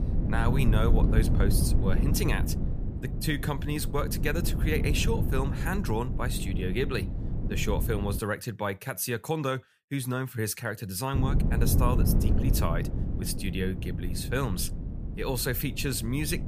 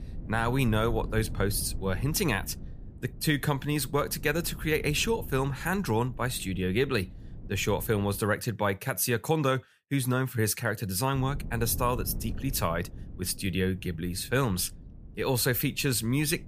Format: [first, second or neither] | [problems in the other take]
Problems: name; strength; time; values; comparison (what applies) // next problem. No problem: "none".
second | wind noise on the microphone; heavy; until 8 s and from 11 s on; 7 dB below the speech; occasional gusts in the second